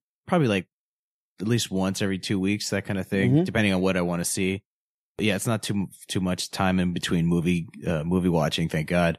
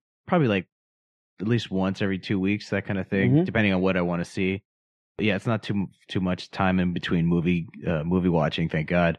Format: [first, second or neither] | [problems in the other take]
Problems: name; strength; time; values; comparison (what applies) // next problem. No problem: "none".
first | muffled; slightly; fading above 2.5 kHz